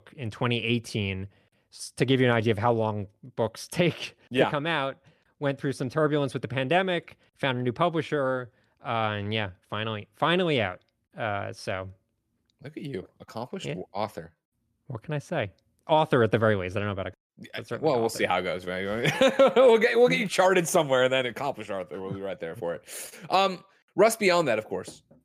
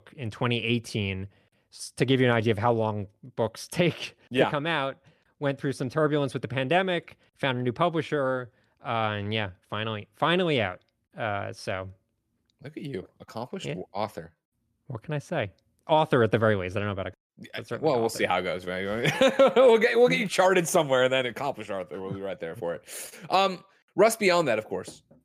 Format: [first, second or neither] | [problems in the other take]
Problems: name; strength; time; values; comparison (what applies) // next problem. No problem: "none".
neither | none